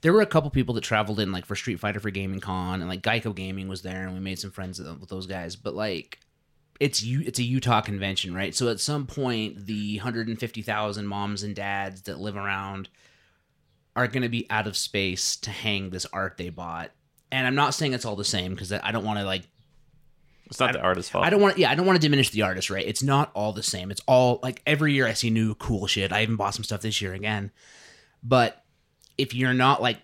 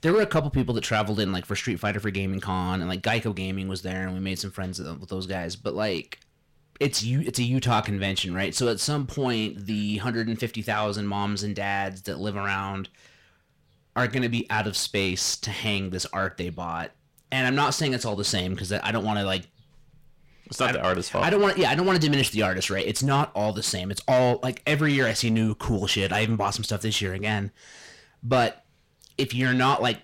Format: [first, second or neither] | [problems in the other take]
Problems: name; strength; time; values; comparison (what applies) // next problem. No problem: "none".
first | distortion; slight; 10 dB below the speech